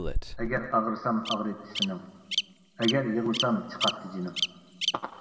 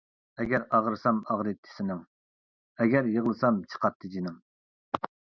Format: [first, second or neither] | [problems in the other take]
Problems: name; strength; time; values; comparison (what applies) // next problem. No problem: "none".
second | background sound (Bird vocalization, bird call, bird song); 3 dB below the speech // room echo; dies away in 1.4 s